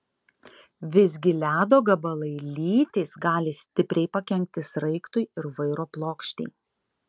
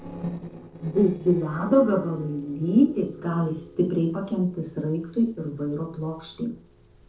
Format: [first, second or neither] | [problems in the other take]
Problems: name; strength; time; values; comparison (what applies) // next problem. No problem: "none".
first | noise reduction (neural separator model SepFormer DNS4)